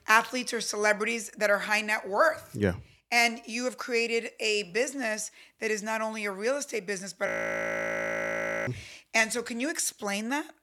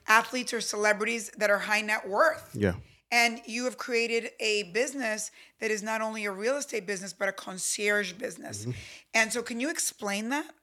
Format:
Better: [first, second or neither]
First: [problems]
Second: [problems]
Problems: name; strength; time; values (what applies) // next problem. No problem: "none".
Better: second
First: audio freezing; at 7.5 s for 1.5 s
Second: none